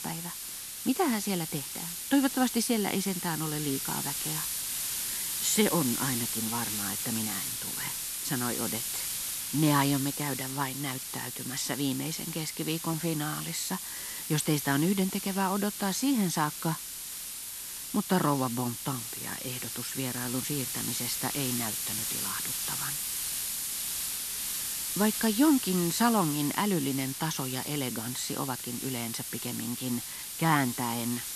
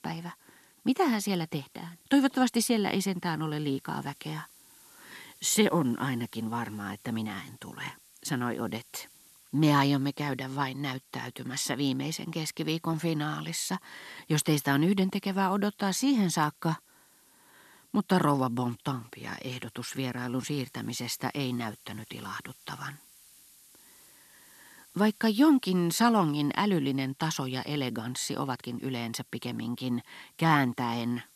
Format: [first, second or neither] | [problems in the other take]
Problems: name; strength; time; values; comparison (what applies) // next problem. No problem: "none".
second | hiss; loud; throughout; 2 dB below the speech; faint in the second